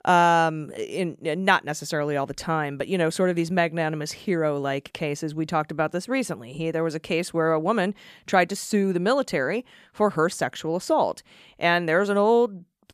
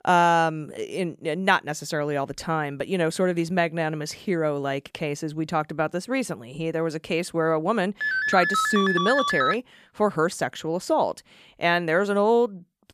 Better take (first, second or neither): first